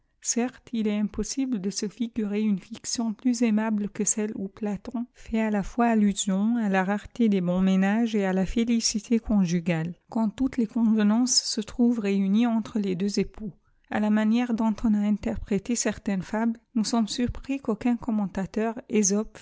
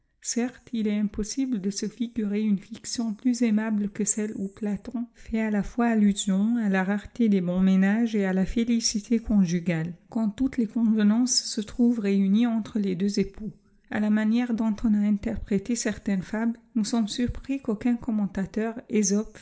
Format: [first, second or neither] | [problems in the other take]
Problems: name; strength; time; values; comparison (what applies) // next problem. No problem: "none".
first | room echo; dies away in 0.5 s